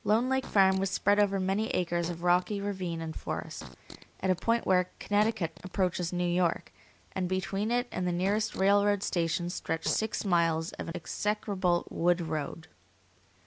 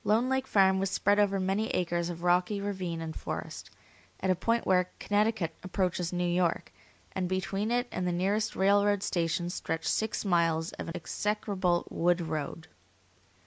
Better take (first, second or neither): second